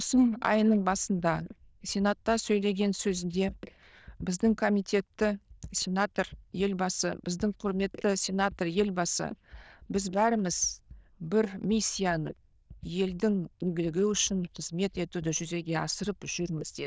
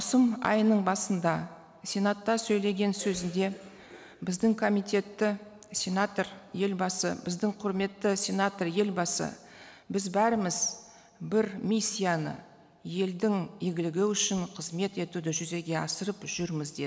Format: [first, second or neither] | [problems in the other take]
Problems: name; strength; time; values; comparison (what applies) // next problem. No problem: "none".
second | noise reduction (neural diffusion model UNIVERSE++)